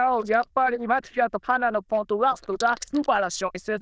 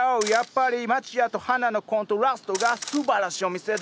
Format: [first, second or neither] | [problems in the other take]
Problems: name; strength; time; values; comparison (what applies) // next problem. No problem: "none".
second | noise reduction (neural diffusion model UNIVERSE++)